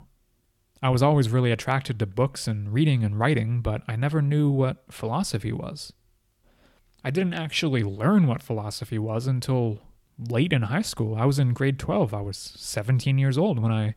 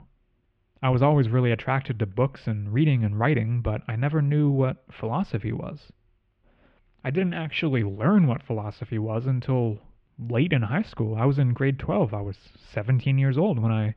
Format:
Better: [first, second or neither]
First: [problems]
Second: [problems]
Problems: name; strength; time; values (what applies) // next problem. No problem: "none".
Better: first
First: none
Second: muffled; very; fading above 2.5 kHz